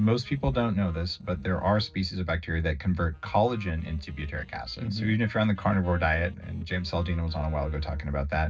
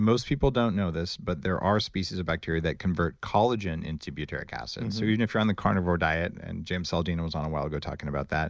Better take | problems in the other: second | noise reduction (neural separator model SepFormer DNS4)

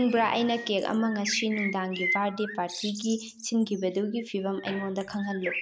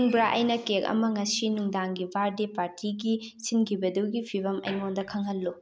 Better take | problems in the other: second | background sound (Bird); 9 dB below the speech

